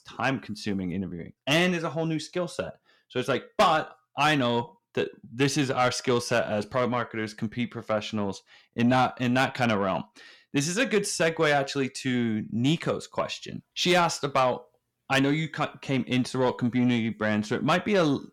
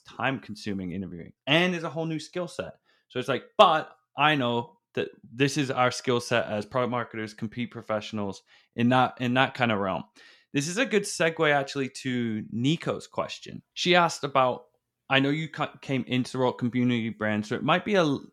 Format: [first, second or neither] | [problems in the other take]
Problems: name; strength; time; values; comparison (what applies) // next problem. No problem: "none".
second | distortion; slight; 10 dB below the speech